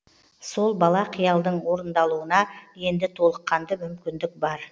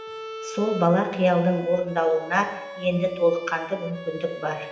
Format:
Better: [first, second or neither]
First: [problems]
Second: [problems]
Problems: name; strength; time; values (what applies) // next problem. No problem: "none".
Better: first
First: none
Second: background sound (Bowed string instrument); 14 dB below the speech // room echo; dies away in 0.8 s